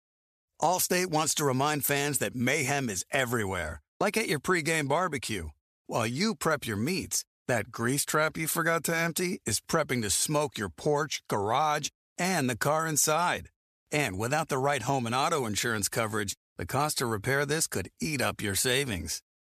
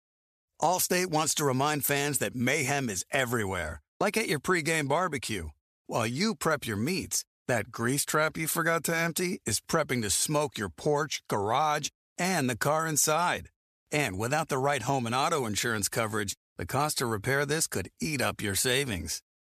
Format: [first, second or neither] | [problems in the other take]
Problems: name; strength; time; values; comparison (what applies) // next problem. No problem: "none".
neither | none